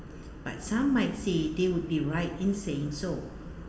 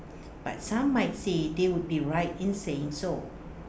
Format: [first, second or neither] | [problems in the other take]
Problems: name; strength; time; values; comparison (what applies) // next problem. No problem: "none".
second | room echo; dies away in 1.6 s